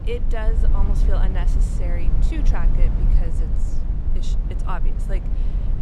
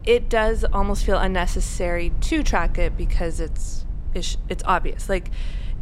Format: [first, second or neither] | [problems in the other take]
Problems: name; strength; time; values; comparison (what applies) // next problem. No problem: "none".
second | low rumble; loud; throughout; 4 dB below the speech; faint in the second